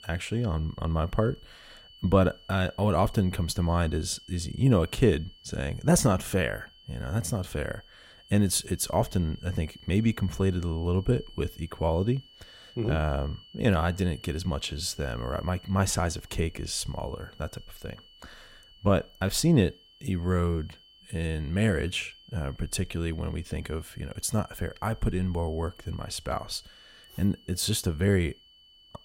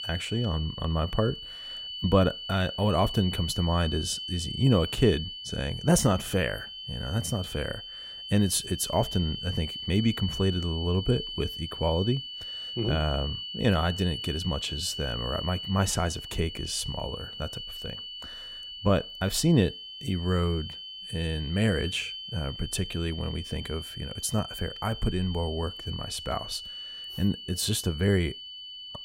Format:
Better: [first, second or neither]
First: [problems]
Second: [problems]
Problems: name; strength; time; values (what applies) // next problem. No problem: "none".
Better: first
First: high-pitched whine; faint; throughout; 3 kHz, 25 dB below the speech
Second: high-pitched whine; loud; throughout; 3 kHz, 8 dB below the speech